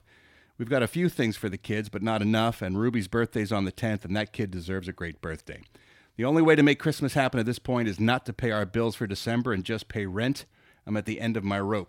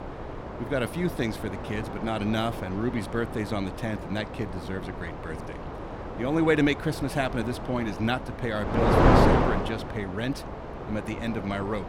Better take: first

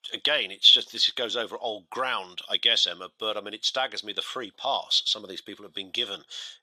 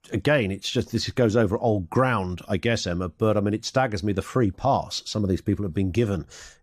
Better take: second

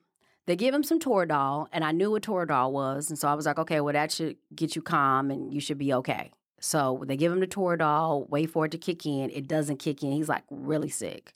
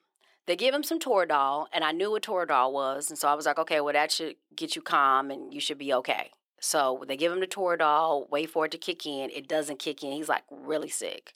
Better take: first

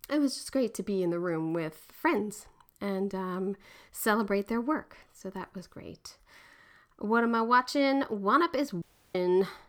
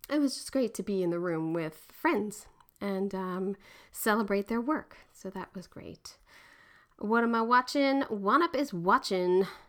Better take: second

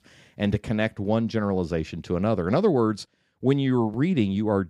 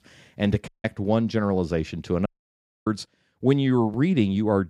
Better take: first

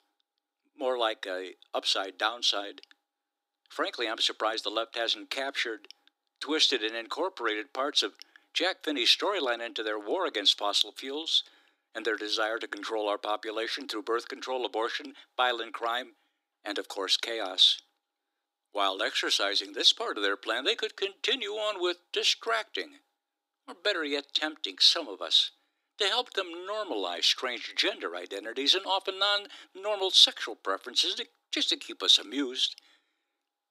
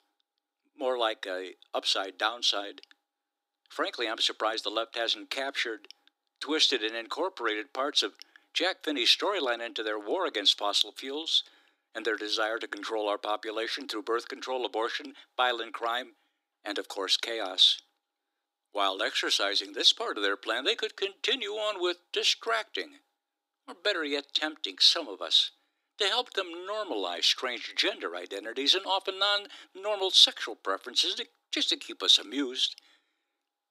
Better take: neither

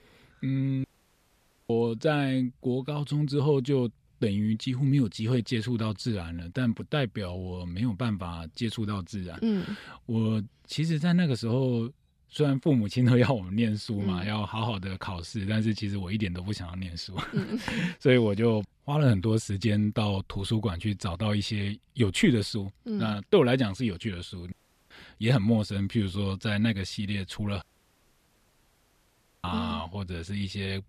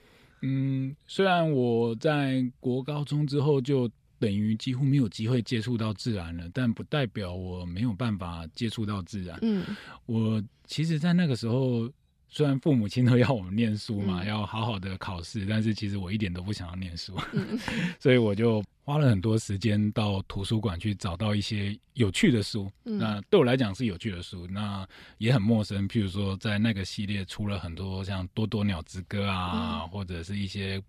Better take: second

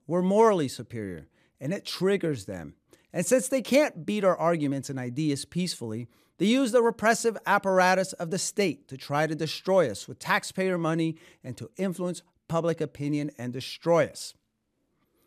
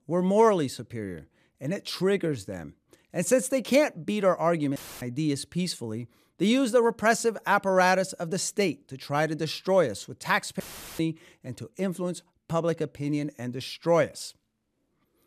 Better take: first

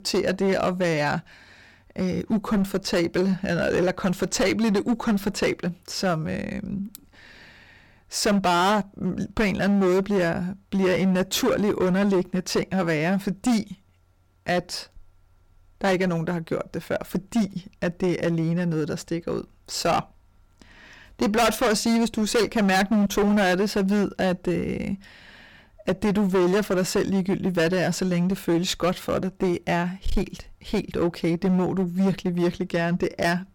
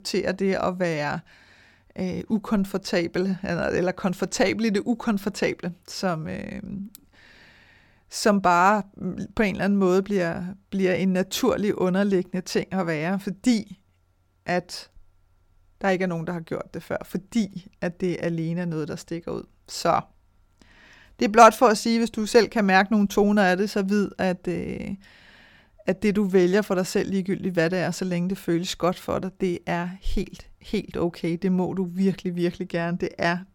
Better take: second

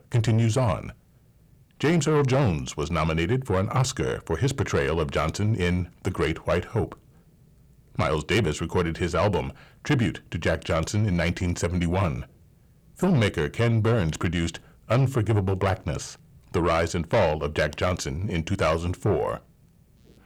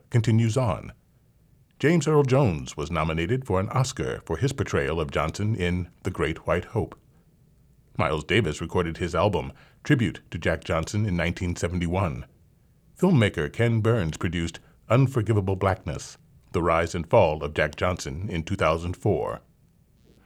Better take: second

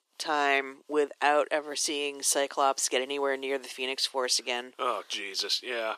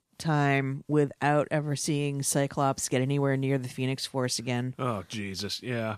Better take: second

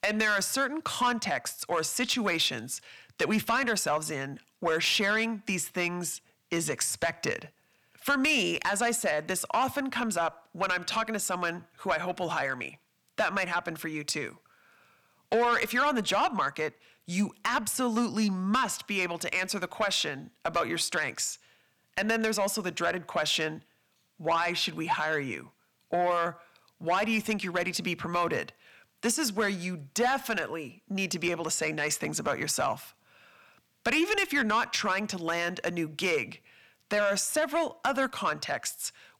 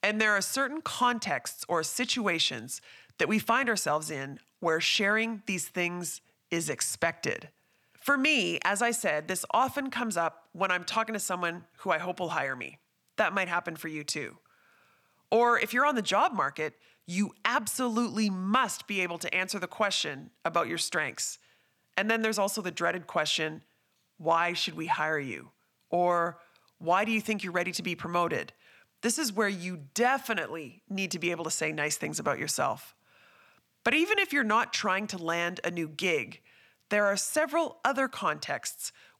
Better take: second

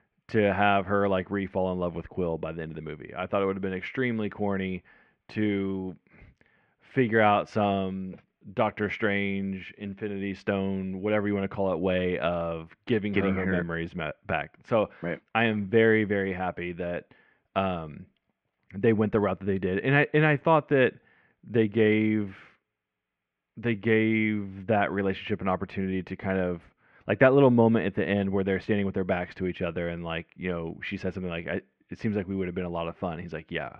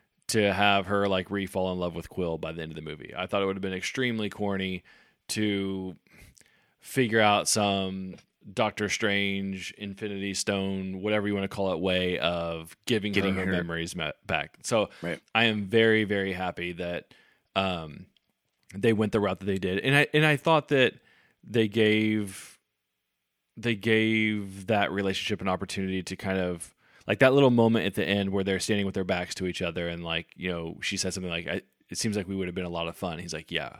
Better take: second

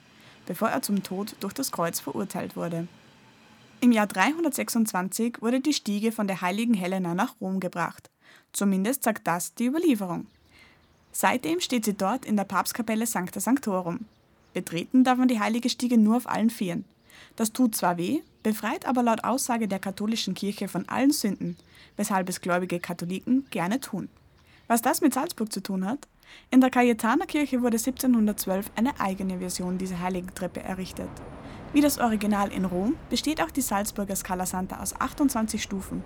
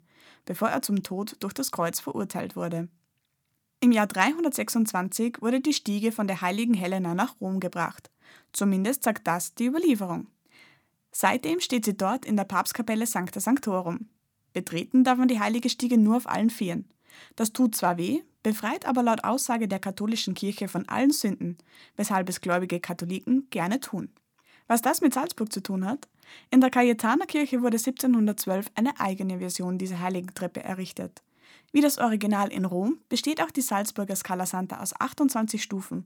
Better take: second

